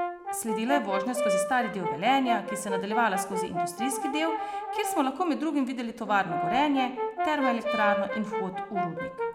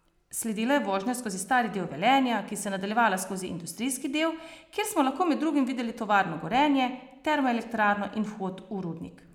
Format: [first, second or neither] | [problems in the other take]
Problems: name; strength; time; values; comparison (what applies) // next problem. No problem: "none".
second | background sound (Brass instrument); 2 dB below the speech